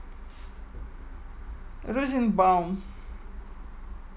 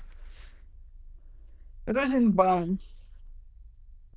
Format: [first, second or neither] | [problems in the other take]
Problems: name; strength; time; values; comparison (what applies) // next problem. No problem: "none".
first | noise reduction (neural diffusion model UNIVERSE++)